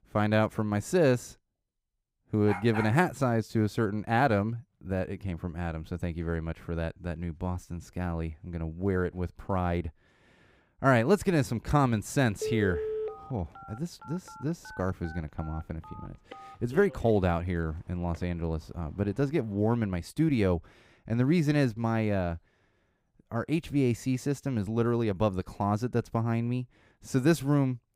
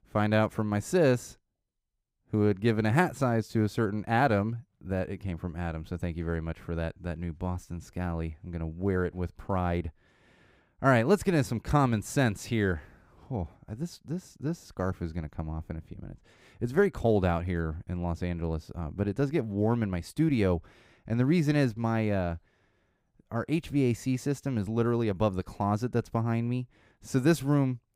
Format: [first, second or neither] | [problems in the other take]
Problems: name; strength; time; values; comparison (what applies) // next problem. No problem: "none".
second | dog barking; noticeable; at 2.5 s; peak 7 dB below the speech // phone ringing; noticeable; from 12 to 19 s; peak 3 dB below the speech